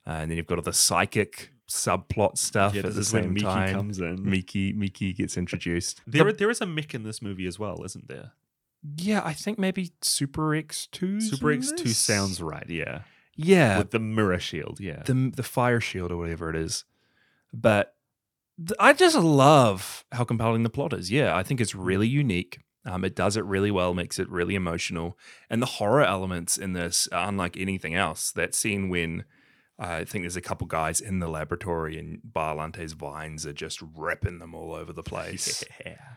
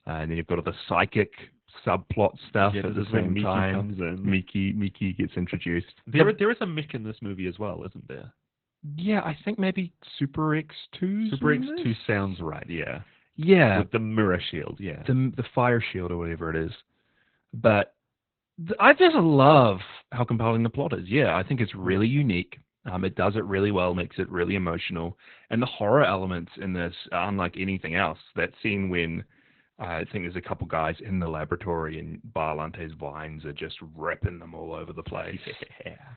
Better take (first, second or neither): first